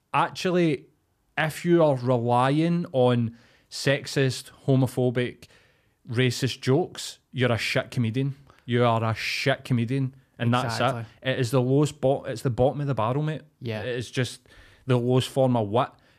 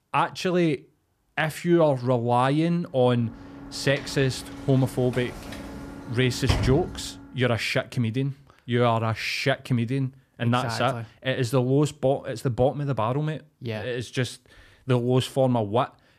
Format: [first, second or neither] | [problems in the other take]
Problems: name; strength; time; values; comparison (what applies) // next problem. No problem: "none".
first | door banging; noticeable; from 5.5 to 7 s; peak 1 dB below the speech